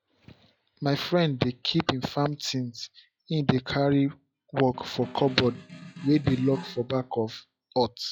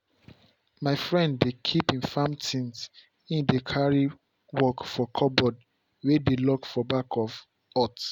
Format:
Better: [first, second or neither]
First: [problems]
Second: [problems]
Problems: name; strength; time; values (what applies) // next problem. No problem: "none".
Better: second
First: noise reduction (classical method log-MMSE)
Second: none